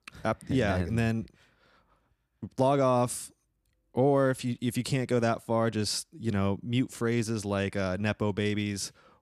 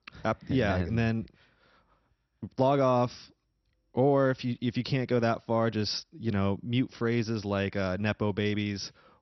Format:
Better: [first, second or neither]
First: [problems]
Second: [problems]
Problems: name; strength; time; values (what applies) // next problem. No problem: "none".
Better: first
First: none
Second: garbled, watery; slightly; nothing above 6 kHz